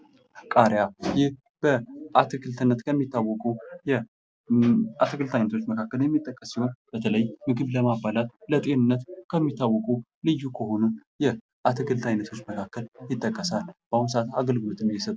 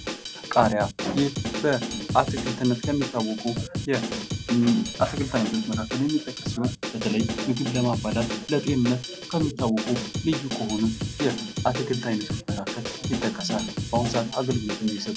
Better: first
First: none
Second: background sound (Drum kit); 5 dB below the speech

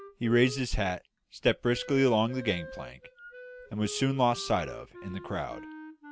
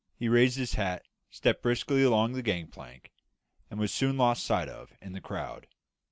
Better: second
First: background sound (Wind instrument, woodwind instrument); 16 dB below the speech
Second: none

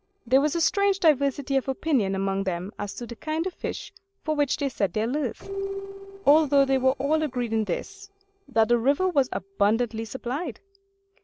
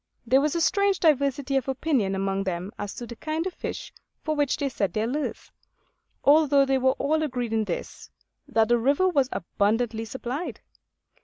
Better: second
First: noise reduction (neural separator model SepFormer DNS4)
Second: none

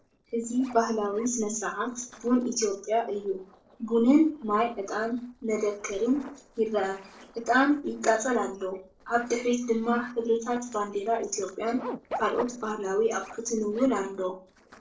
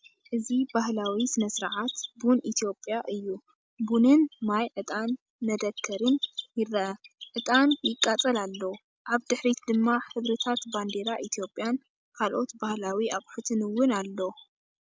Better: second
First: noise reduction (neural separator model SepFormer DNS4)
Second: none

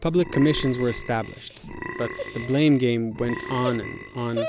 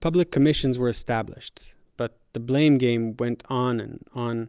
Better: second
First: background sound (Burping, eructation + Dog); 10 dB below the speech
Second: none

